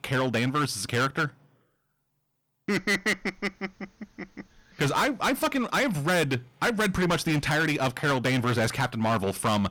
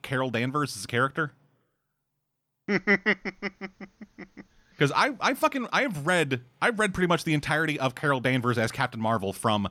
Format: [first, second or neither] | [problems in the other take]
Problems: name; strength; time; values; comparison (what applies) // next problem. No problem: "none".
second | distortion; heavy; 13% of the sound clipped